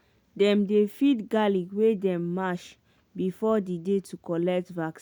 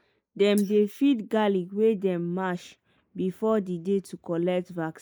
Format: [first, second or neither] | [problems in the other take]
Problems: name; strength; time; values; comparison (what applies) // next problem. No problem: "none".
first | noise reduction (neural mask model Resemble Enhance denoiser)